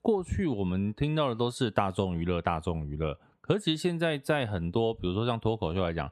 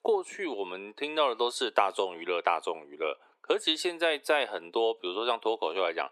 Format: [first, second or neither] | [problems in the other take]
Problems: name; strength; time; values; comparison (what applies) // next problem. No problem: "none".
first | thin; very; fading below 350 Hz